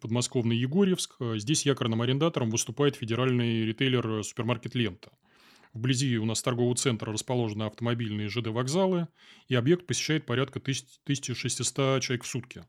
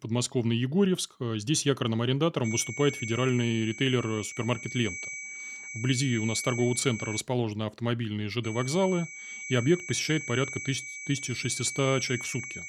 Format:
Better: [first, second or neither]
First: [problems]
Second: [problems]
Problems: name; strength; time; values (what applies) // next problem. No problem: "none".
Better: first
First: none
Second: high-pitched whine; loud; from 2.5 to 7 s and from 8.5 s on; 2.5 kHz, 9 dB below the speech